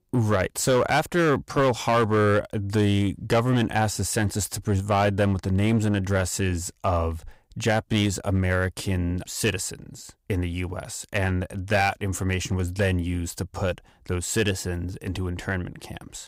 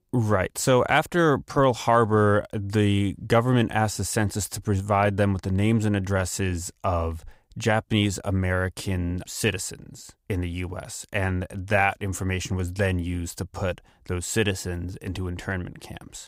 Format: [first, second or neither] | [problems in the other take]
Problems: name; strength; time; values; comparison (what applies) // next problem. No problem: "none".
second | distortion; slight; 4% of the sound clipped